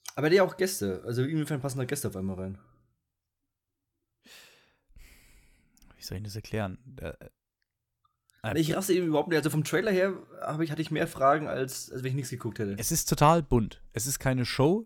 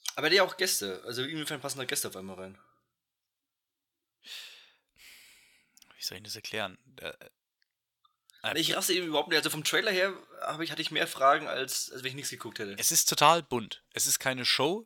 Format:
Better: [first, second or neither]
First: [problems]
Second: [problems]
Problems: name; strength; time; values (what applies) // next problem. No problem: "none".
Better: first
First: none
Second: thin; somewhat; fading below 1 kHz